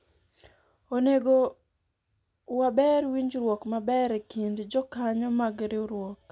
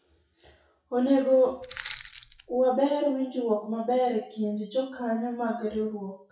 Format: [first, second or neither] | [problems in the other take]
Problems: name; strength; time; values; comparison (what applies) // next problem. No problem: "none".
first | noise reduction (classical method WPE with log-MMSE)